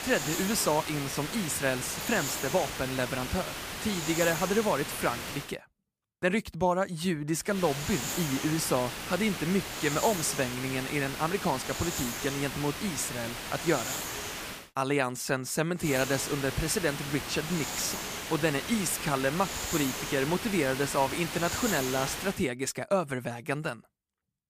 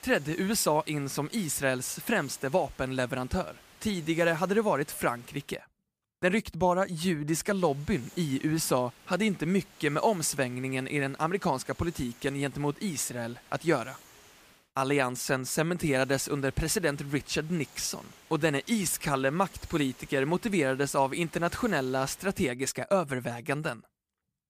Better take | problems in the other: second | hiss; loud; until 5.5 s, from 7.5 to 15 s and from 16 to 22 s; 4 dB below the speech; faint in the second

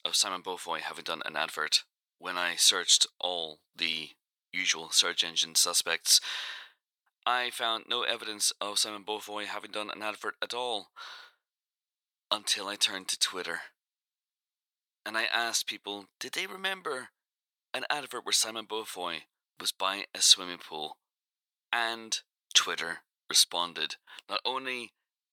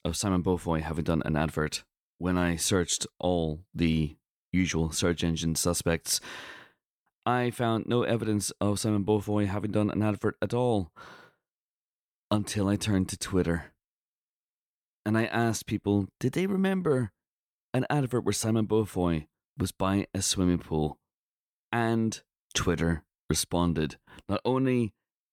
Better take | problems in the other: second | thin; very; fading below 950 Hz

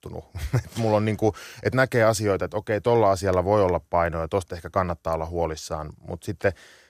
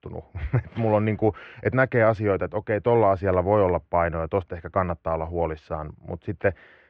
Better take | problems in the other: first | muffled; very; fading above 2.5 kHz

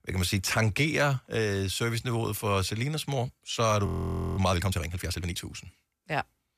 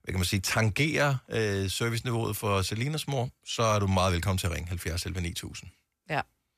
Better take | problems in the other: second | audio freezing; at 4 s for 0.5 s

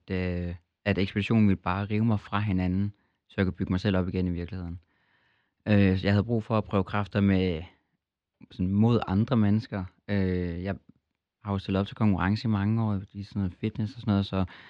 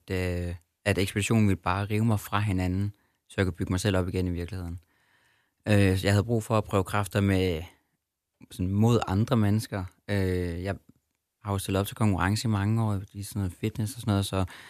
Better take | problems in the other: second | muffled; very slightly; fading above 4.5 kHz

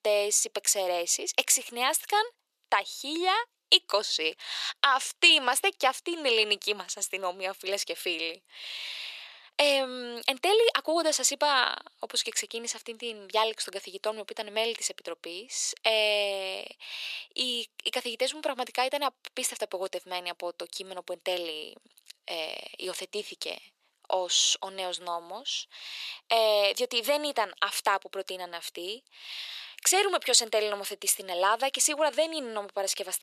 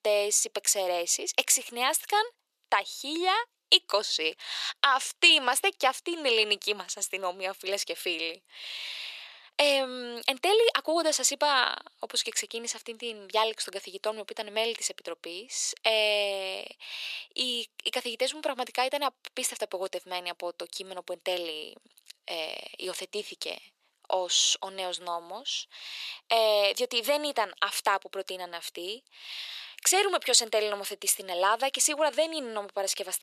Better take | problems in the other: neither | thin; very; fading below 400 Hz; the same in both

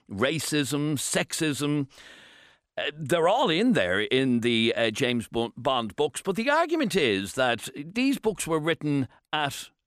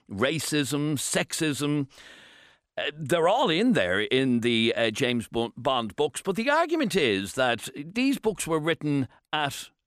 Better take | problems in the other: neither | none

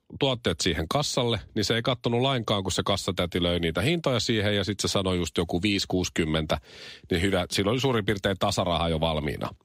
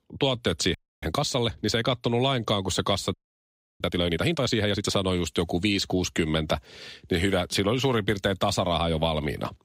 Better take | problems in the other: first | audio freezing; at 1 s and at 3 s for 0.5 s

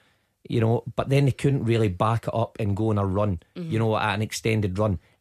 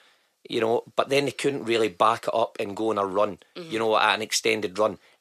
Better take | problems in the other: first | thin; very; fading below 400 Hz

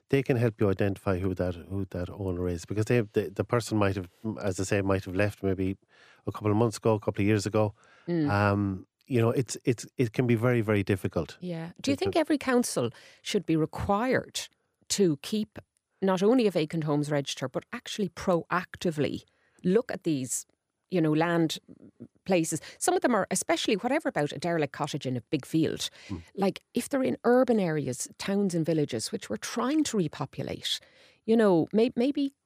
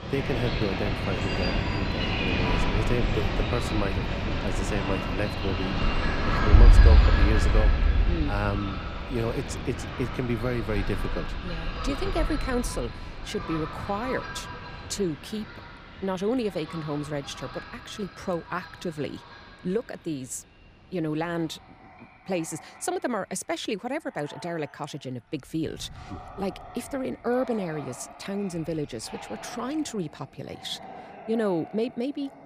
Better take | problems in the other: first | animal sounds; very loud; throughout; 5 dB above the speech

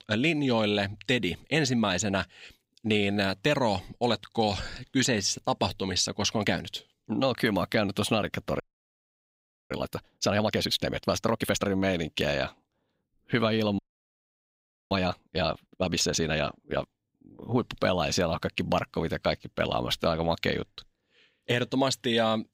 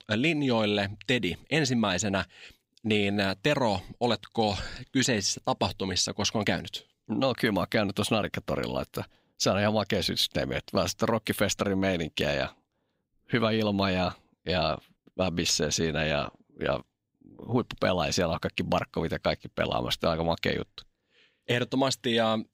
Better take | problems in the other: second | audio freezing; at 8.5 s for 1 s and at 14 s for 1 s

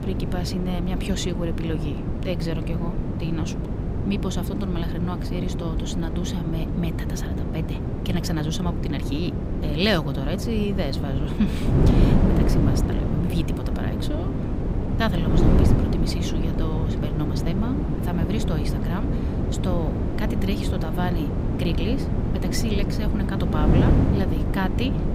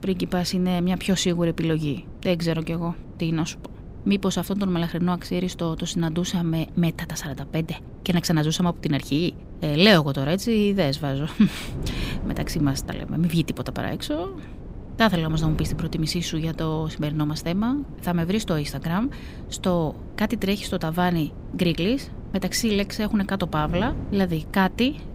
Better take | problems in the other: second | wind noise on the microphone; heavy; as loud as the speech; occasional gusts in the second

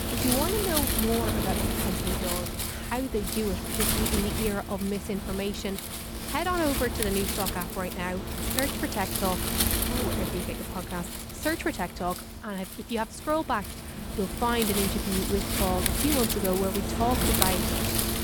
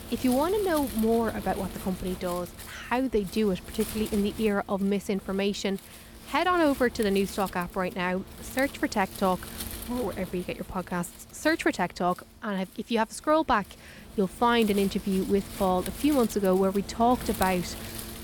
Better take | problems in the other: second | wind noise on the microphone; heavy; as loud as the speech; occasional gusts in the second

